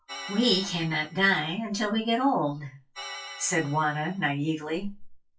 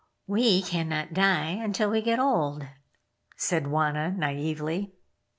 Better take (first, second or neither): second